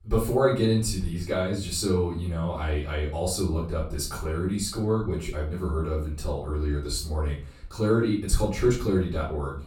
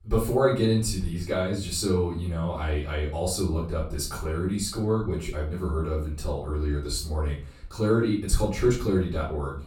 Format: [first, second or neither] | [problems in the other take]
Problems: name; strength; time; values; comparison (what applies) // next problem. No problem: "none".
neither | off-mic speech; far; the same in both // room echo; slight; dies away in 0.3 s; the same in both